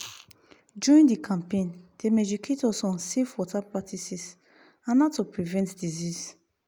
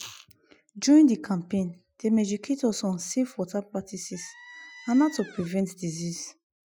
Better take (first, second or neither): first